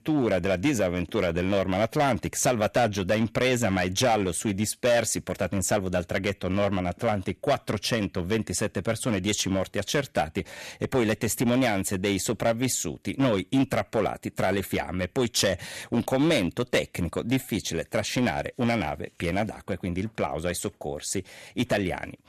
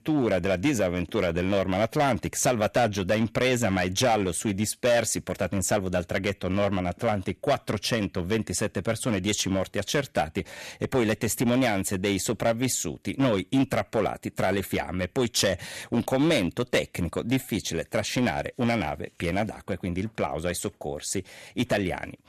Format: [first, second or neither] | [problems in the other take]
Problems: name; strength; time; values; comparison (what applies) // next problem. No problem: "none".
neither | distortion; slight; 5% of the sound clipped; the same in both